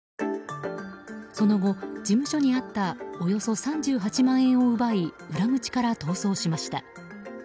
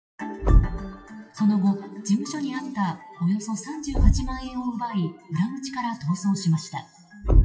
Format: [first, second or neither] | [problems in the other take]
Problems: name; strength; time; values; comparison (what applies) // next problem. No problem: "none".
first | noise reduction (classical method WPE with log-MMSE)